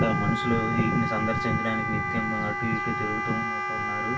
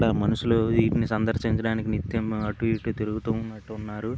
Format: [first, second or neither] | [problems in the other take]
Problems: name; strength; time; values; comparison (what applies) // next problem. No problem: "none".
second | background sound (Wind instrument, woodwind instrument); 1 dB below the speech // room echo; dies away in 0.2 s